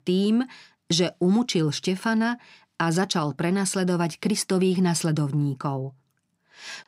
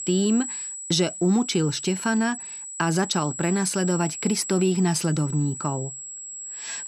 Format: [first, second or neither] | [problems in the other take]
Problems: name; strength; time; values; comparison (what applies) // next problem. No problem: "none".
first | high-pitched whine; loud; throughout; 7.5 kHz, 8 dB below the speech